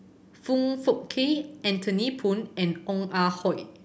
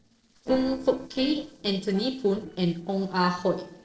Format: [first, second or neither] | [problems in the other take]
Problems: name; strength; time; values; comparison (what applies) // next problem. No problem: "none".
first | noise reduction (neural separator model SepFormer DNS4)